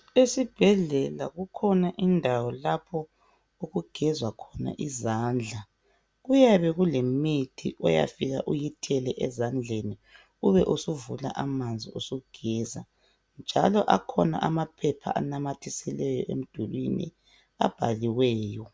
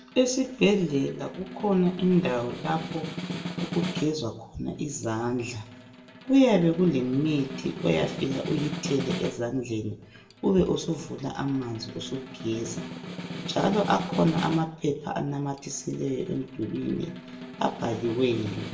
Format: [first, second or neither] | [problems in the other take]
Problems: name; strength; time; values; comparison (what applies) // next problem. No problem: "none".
first | background sound (Snare drum); 11 dB below the speech // room echo; dies away in 0.6 s